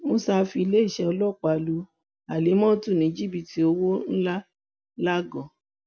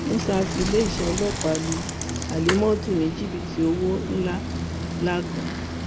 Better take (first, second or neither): first